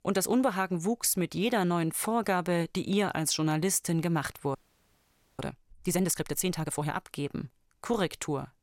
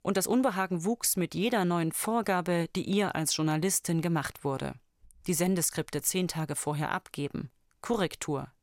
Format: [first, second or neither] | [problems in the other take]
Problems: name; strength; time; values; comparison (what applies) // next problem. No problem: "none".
second | audio freezing; at 4.5 s for 1 s